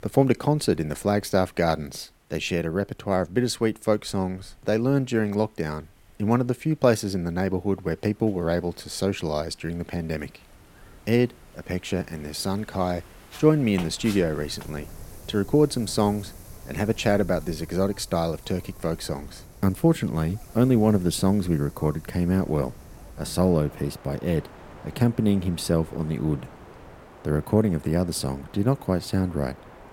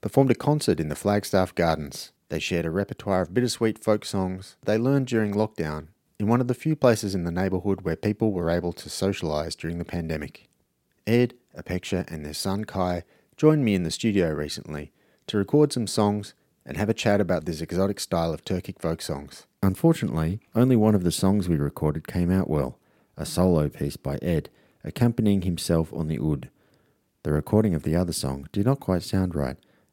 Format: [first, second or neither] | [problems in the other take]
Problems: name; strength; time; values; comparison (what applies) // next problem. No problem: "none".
second | wind in the background; faint; throughout; 20 dB below the speech